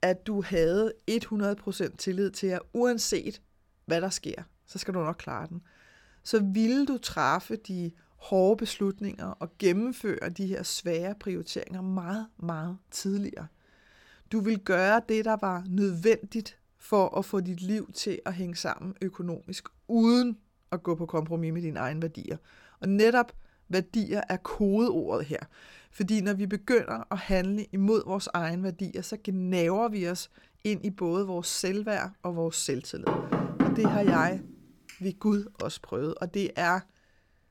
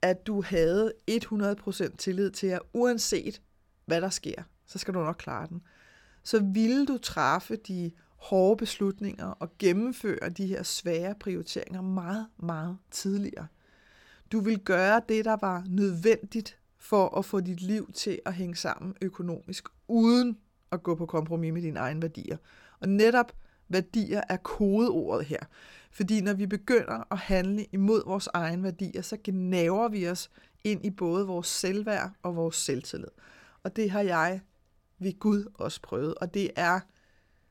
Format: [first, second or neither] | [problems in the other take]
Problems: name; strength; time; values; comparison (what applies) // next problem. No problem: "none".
second | door banging; loud; from 33 to 34 s; peak 3 dB above the speech